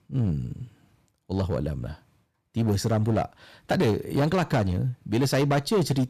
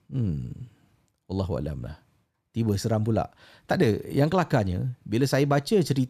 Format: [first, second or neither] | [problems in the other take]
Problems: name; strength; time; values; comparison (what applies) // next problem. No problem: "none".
second | distortion; slight; 7% of the sound clipped